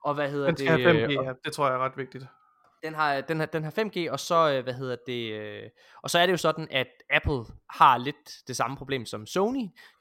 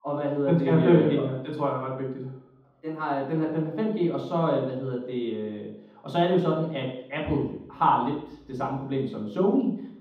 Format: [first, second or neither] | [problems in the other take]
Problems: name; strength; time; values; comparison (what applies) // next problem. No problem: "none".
first | room echo; strong; dies away in 0.9 s // off-mic speech; far